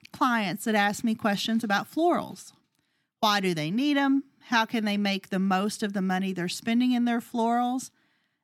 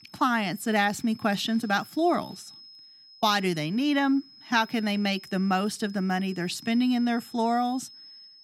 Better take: first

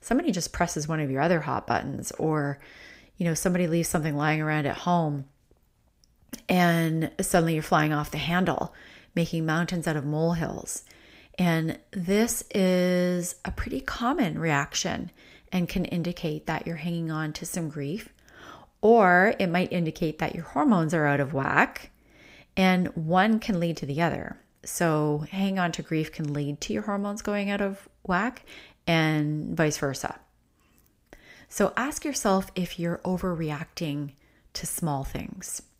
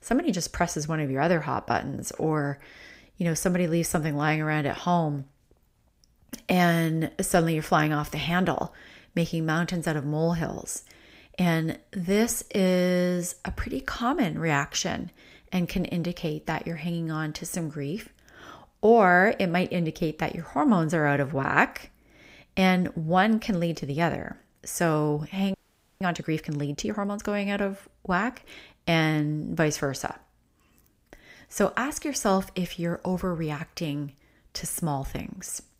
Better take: first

